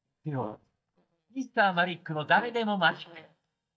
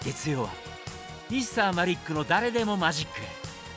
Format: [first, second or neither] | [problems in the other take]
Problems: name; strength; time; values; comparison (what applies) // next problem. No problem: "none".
second | noise reduction (neural mask model DeepFilterNet 3)